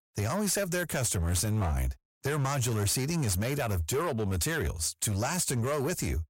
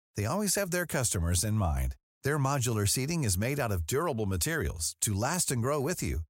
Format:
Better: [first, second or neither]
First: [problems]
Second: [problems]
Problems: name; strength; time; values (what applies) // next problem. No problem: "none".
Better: second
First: distortion; slight; 16% of the sound clipped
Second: none